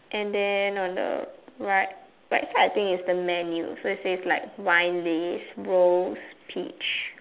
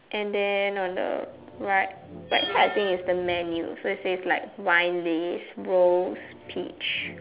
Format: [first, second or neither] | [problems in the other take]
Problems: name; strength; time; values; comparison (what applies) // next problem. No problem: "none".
first | background sound (Screech); 15 dB below the speech